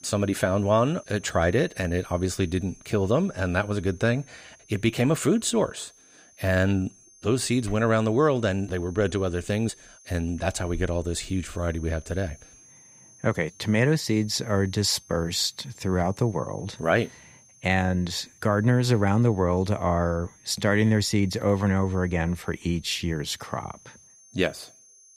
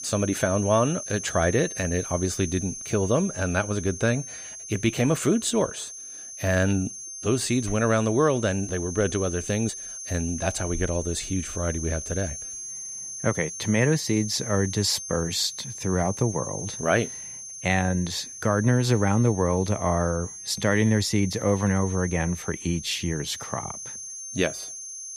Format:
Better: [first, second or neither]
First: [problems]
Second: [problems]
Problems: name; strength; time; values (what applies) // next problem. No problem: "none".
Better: first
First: high-pitched whine; faint; throughout; 6.5 kHz, 25 dB below the speech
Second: high-pitched whine; loud; throughout; 6.5 kHz, 9 dB below the speech